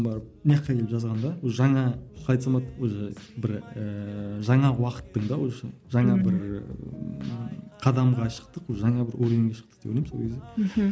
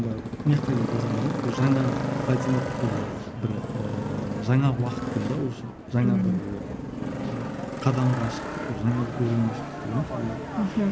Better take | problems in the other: first | background sound (Motorcycle); 5 dB below the speech

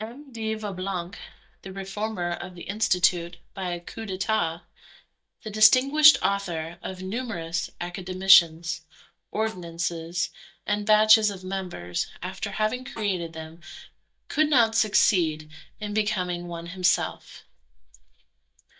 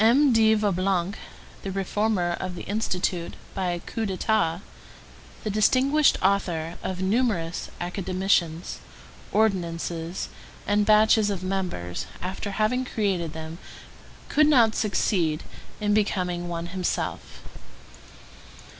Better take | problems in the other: second | noise reduction (neural mask model DeepFilterNet 3)

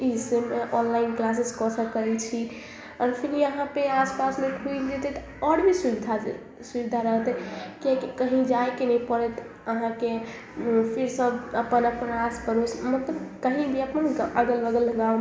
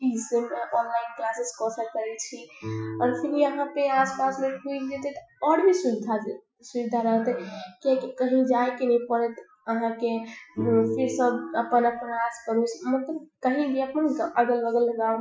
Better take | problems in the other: first | noise reduction (classical method Wiener filter)

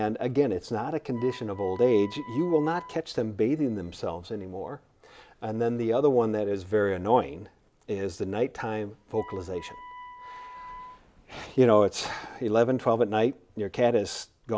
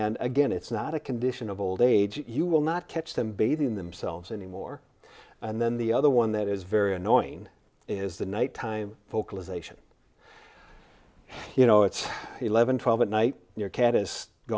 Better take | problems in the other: second | background sound (Wind instrument, woodwind instrument); 19 dB below the speech

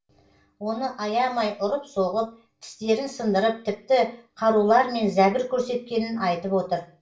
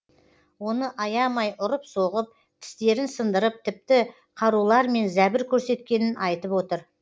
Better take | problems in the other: second | room echo; dies away in 0.3 s

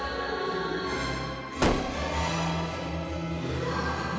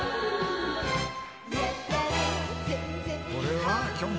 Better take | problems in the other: second | background sound (Gunshot, gunfire); 1 dB below the speech // room echo; dies away in 2.1 s

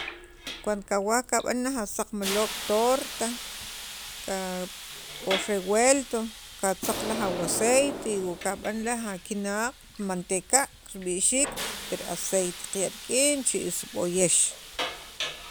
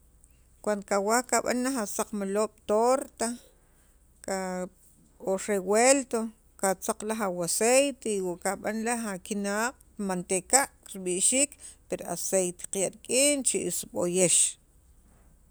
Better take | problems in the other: second | background sound (Explosion + Hiss); 10 dB below the speech

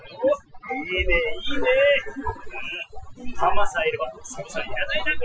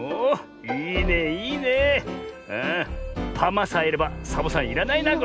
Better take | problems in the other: second | noise reduction (classical method Wiener filter)

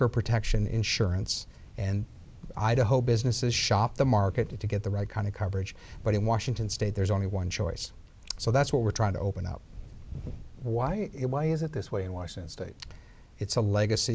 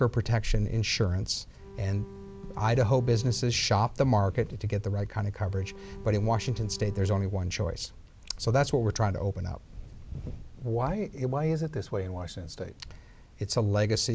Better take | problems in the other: first | background sound (Bowed string instrument); 17 dB below the speech

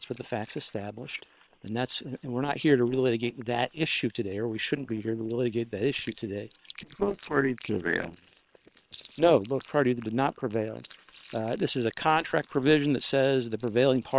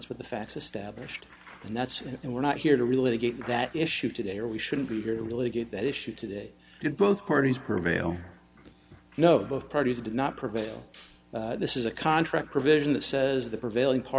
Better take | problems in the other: second | noise reduction (neural separator model SepFormer WHAM!)

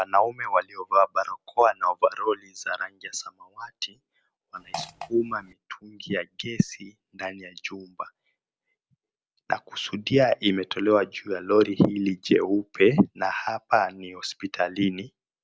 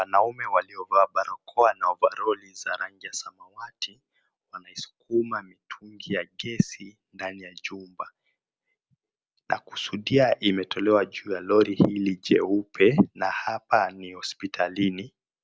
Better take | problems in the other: second | background sound (Fart); 14 dB below the speech

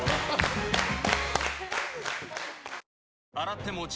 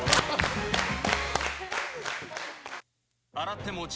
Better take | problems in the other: first | background sound (Fire); 6 dB below the speech

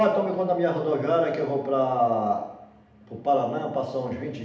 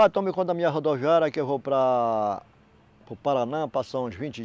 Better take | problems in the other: second | room echo; dies away in 0.8 s

